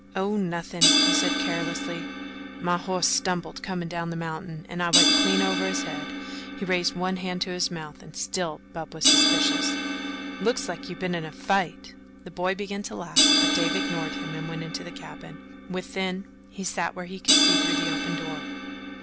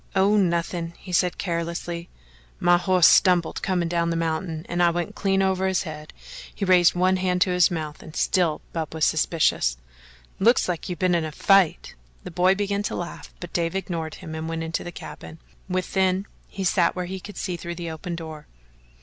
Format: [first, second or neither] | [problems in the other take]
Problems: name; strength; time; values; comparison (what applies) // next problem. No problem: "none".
second | background sound (Crash cymbal); 3 dB above the speech